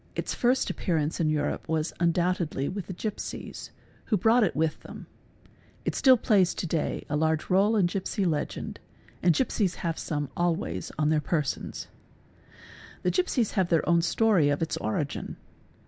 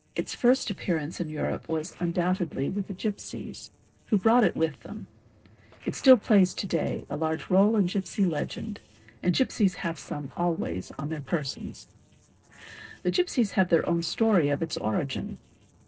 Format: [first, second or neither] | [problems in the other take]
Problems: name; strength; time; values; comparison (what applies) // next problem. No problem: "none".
first | noise reduction (neural separator model SepFormer DNS4)